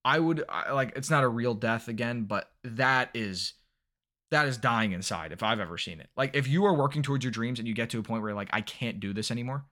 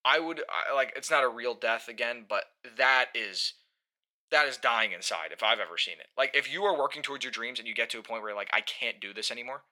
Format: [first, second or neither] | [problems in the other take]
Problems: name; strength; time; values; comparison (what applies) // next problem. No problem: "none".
first | thin; very; fading below 450 Hz